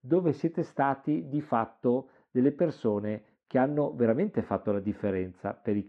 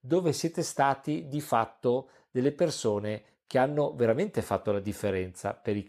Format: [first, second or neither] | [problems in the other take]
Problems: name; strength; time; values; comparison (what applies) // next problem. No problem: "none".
second | muffled; very; fading above 2 kHz